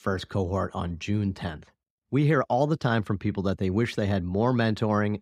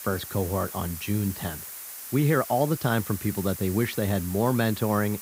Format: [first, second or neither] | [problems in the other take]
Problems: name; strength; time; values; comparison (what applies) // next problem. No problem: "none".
first | hiss; loud; throughout; 10 dB below the speech